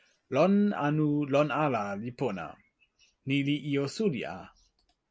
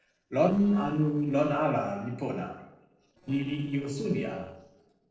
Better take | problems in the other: first | noise reduction (neural separator model SepFormer DNS4)

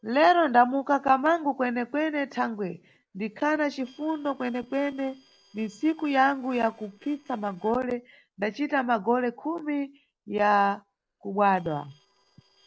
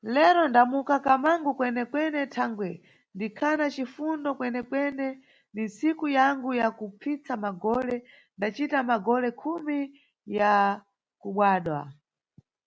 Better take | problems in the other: second | noise reduction (neural separator model SepFormer DNS4)

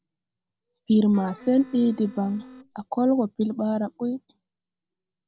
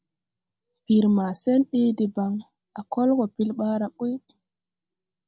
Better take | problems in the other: second | background sound (Wind instrument, woodwind instrument); 19 dB below the speech

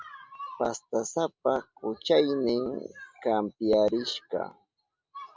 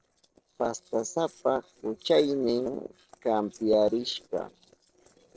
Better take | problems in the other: first | noise reduction (neural separator model SepFormer DNS4)

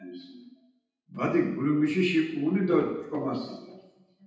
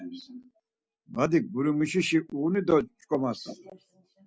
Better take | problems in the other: second | room echo; dies away in 0.9 s

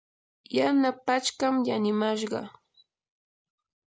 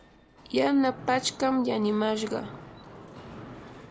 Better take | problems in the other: first | background sound (Mechanisms); 16 dB below the speech

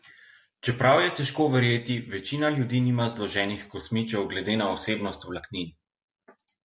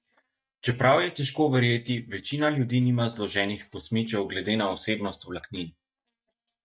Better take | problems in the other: first | noise reduction (neural mask model DeepFilterNet 3)

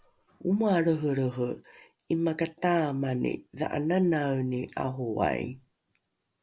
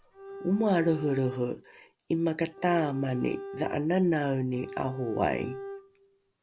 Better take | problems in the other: first | background sound (Bowed string instrument); 13 dB below the speech

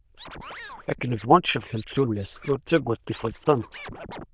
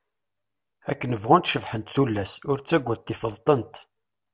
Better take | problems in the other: second | noise reduction (neural diffusion model UNIVERSE++)

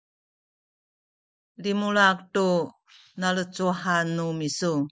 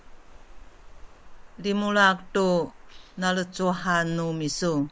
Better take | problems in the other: first | background sound (Water); 18 dB below the speech

